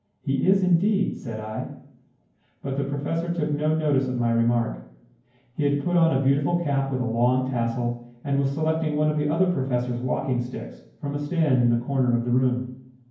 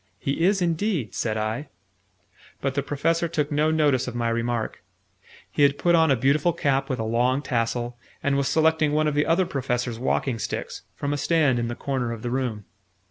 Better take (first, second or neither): second